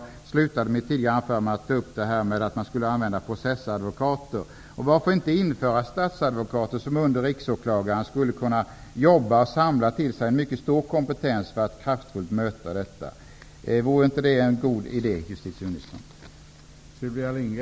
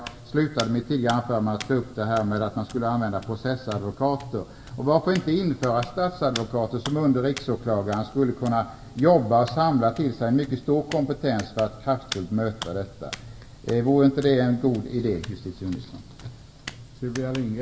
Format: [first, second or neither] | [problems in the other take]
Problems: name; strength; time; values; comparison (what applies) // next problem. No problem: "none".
first | background sound (Hands); 17 dB below the speech // room echo; dies away in 2.9 s